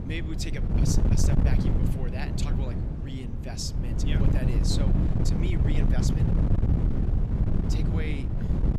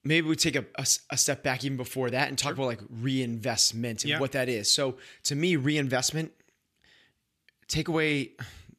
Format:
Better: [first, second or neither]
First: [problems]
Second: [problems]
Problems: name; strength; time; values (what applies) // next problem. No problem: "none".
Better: second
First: wind noise on the microphone; heavy; 2 dB above the speech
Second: none